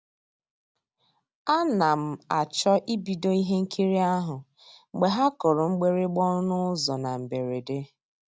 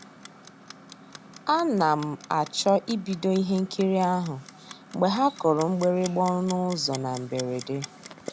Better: first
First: none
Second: background sound (Clock); 18 dB below the speech

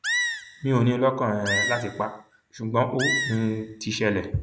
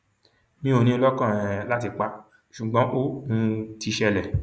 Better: second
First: background sound (Animal); 5 dB below the speech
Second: none

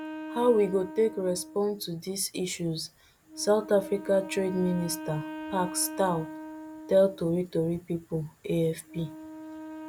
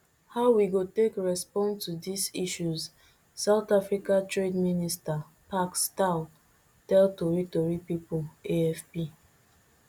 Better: second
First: background sound (Wind instrument, woodwind instrument); 13 dB below the speech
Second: none

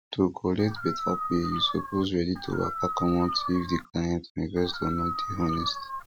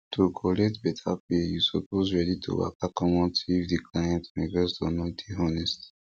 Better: second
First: background sound (Dog); 5 dB below the speech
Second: none

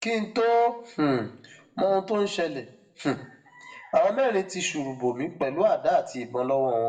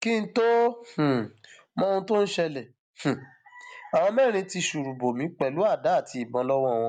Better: second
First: room echo; dies away in 0.6 s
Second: none

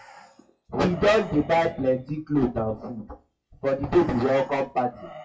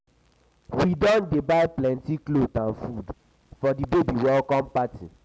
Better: second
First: noise reduction (classical method WPE with log-MMSE)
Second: none

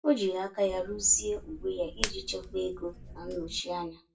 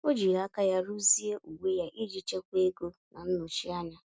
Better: second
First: background sound (Hands); 10 dB below the speech // room echo; dies away in 0.2 s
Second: none

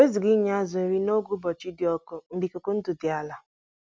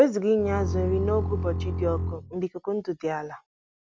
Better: first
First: none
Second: background sound (Bowed string instrument); 2 dB below the speech

